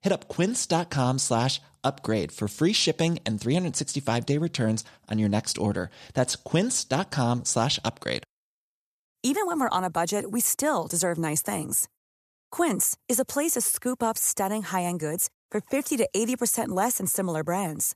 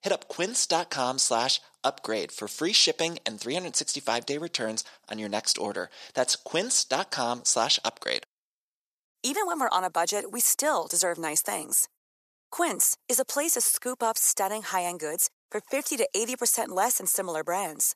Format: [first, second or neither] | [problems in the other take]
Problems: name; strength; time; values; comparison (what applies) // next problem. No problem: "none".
first | thin; somewhat; fading below 450 Hz